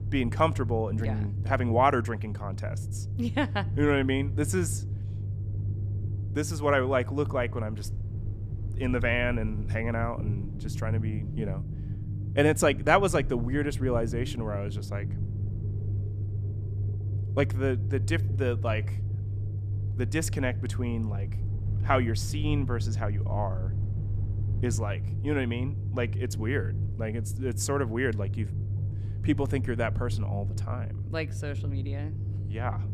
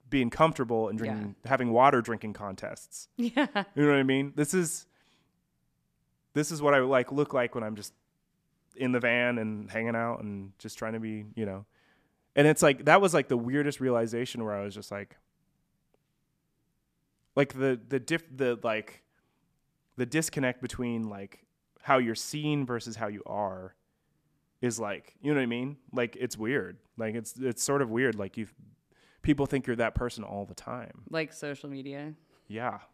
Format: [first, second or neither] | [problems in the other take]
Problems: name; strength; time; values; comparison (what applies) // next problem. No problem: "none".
second | low rumble; noticeable; throughout; 15 dB below the speech